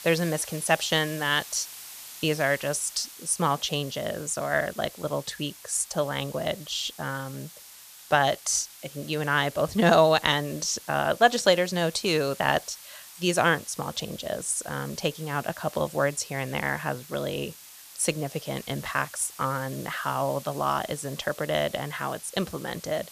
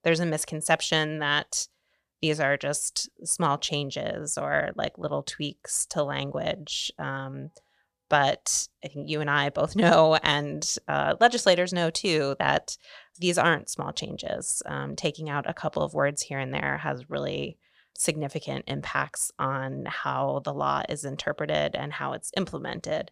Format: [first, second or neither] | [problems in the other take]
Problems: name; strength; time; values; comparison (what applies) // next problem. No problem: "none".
second | hiss; noticeable; throughout; 15 dB below the speech